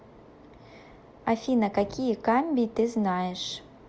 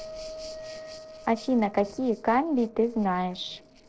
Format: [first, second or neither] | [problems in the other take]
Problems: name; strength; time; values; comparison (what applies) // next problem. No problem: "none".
first | noise reduction (neural separator model SepFormer DNS4)